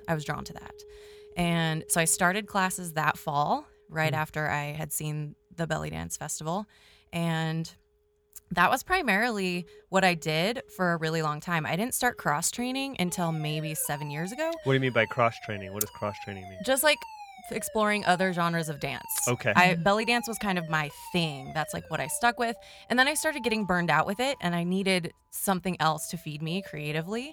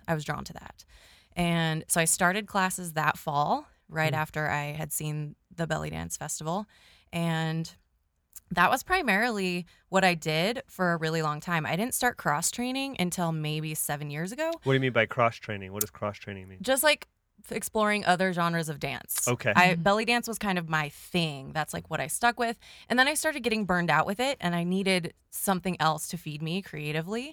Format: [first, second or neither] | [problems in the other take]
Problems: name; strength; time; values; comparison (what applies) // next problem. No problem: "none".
second | alarms or sirens; noticeable; throughout; 20 dB below the speech